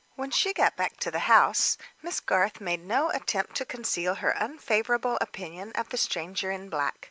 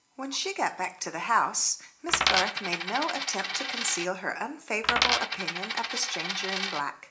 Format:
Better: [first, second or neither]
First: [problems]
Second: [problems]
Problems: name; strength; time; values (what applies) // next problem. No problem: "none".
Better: first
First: none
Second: background sound (Coin (dropping)); 1 dB above the speech // room echo; dies away in 0.4 s